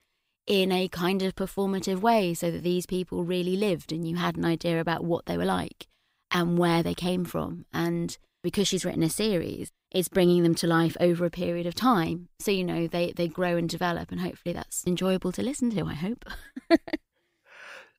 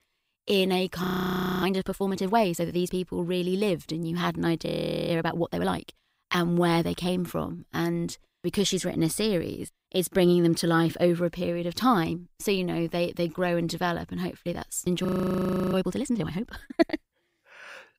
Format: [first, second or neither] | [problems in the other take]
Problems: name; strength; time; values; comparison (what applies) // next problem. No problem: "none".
first | audio freezing; at 1 s for 0.5 s, at 4.5 s and at 15 s for 0.5 s